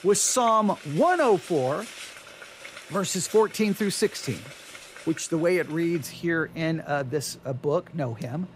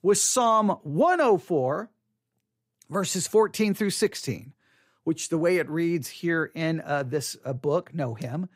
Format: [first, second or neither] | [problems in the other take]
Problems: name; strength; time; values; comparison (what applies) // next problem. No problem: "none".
second | household noises; noticeable; throughout; 20 dB below the speech